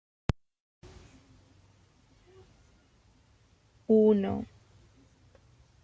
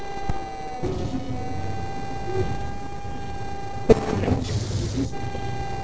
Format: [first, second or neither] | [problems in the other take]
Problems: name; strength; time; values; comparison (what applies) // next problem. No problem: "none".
first | noise reduction (neural separator model SepFormer DNS4)